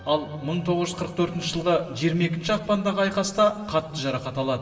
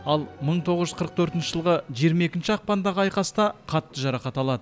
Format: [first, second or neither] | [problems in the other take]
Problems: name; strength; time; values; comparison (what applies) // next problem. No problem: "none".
second | room echo; dies away in 2.1 s